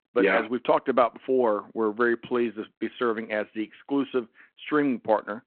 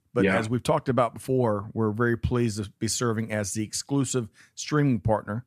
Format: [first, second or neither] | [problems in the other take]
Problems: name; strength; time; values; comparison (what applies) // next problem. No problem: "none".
second | phone-call audio